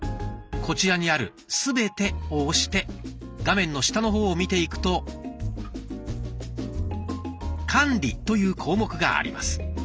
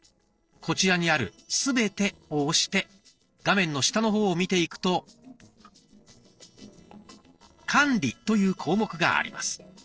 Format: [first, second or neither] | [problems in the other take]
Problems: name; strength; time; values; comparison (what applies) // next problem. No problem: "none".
first | noise reduction (neural separator model SepFormer DNS4)